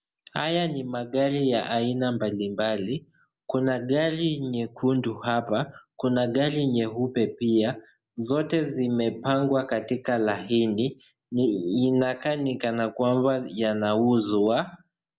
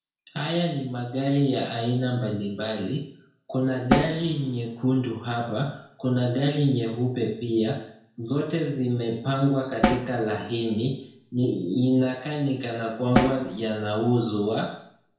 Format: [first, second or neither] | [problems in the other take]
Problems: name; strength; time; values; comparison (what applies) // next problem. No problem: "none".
first | background sound (Snare drum); 5 dB below the speech // room echo; dies away in 0.5 s